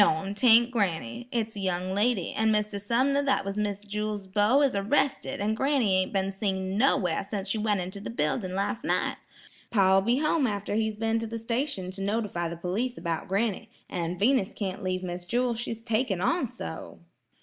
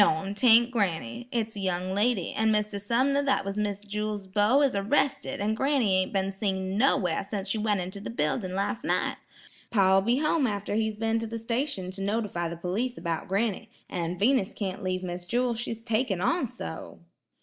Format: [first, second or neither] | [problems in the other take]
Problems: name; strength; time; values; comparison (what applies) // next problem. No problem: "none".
first | noise reduction (neural mask model Resemble Enhance denoiser)